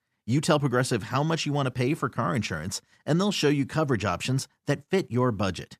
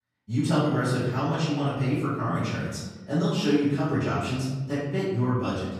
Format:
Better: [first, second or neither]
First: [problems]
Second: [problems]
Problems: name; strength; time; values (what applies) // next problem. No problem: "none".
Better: first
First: none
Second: off-mic speech; far // room echo; strong; dies away in 1.1 s